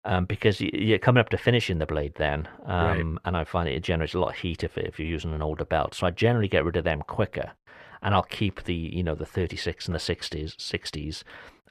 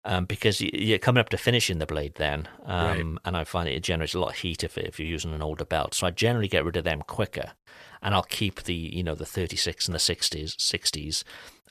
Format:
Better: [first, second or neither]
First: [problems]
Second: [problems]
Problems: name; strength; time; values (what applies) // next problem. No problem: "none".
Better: second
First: muffled; slightly; fading above 3.5 kHz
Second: none